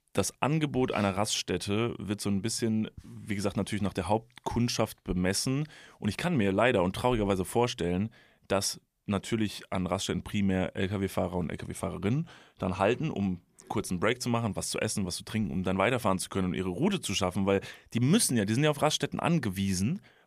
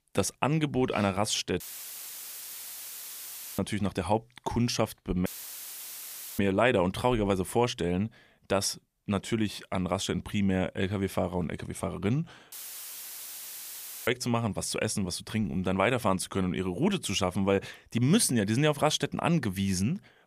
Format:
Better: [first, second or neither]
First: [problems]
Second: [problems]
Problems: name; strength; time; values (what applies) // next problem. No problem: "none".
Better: first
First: none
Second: audio cutting out; filled with static; at 1.5 s for 2 s, at 5.5 s for 1 s and at 13 s for 1.5 s